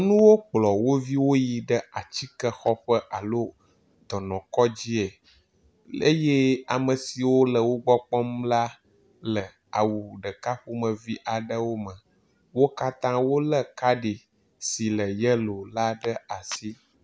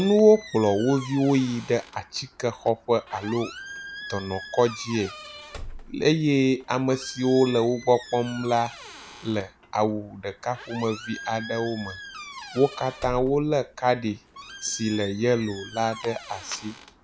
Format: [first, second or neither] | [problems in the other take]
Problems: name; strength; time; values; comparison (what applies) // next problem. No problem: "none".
first | background sound (Squeak); 16 dB below the speech